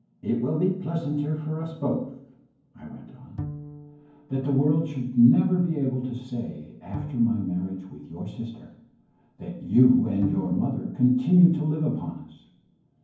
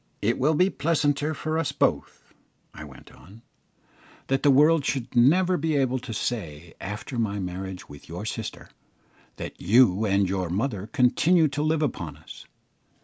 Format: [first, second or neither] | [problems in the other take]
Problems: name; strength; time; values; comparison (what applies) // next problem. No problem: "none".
second | background sound (Bowed string instrument); 16 dB below the speech // room echo; dies away in 0.9 s